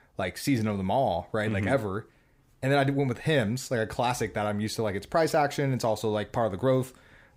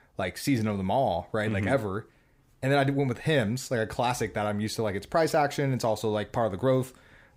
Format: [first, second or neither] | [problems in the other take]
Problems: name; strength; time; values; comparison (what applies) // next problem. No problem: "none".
neither | none